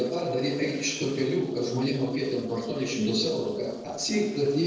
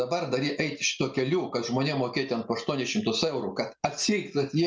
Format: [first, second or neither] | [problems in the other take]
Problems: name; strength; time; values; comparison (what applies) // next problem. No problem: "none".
second | noise reduction (neural separator model SepFormer DNS4)